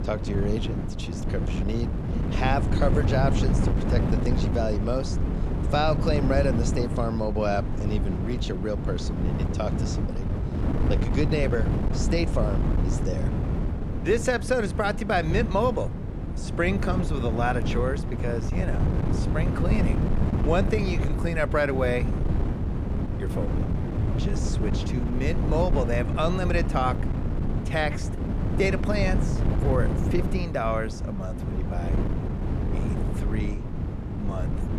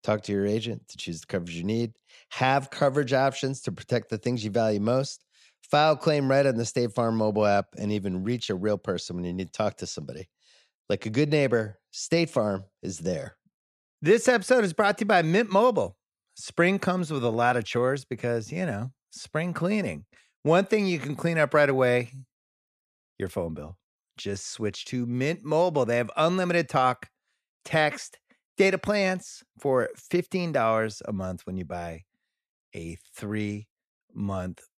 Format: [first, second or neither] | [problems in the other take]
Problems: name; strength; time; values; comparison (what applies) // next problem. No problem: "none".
second | wind noise on the microphone; heavy; 7 dB below the speech